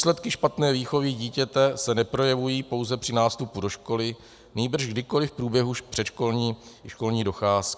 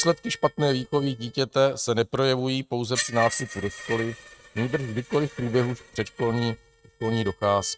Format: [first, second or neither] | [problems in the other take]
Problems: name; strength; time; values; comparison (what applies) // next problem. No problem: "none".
first | noise reduction (neural mask model RNNoise)